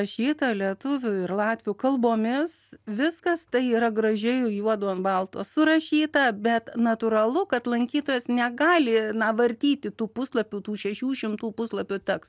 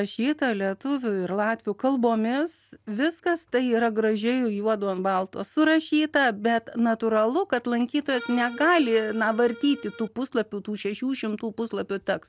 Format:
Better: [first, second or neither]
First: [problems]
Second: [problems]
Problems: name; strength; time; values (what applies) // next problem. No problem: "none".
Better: first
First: none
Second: background sound (Accordion); 17 dB below the speech